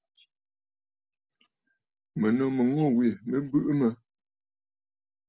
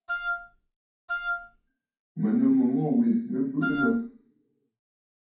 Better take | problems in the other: first | background sound (Wind instrument, woodwind instrument); 5 dB below the speech // room echo; dies away in 0.6 s

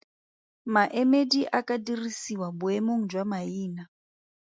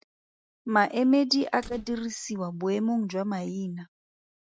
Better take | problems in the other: first | noise reduction (neural mask model RNNoise)

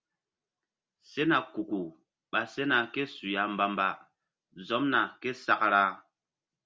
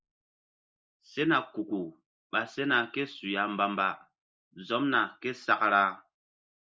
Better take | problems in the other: first | noise reduction (neural mask model Resemble Enhance denoiser)

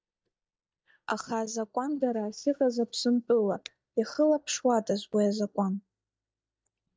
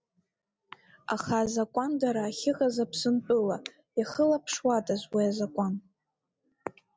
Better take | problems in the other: second | noise reduction (neural mask model DeepFilterNet 3)

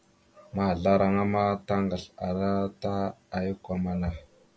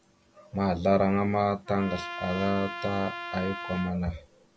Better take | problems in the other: first | background sound (Trumpet); 11 dB below the speech

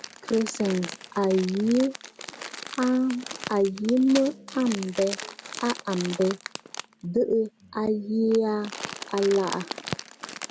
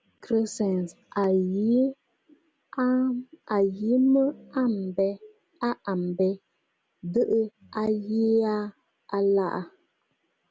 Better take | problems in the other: second | background sound (Crumpling, crinkling); 12 dB below the speech

